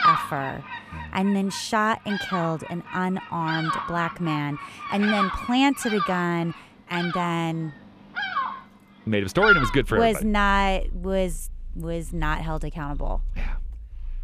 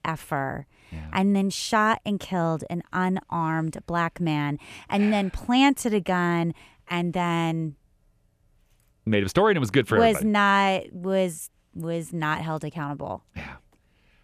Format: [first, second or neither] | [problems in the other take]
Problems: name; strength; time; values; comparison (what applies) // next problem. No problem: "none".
second | animal sounds; loud; throughout; 4 dB below the speech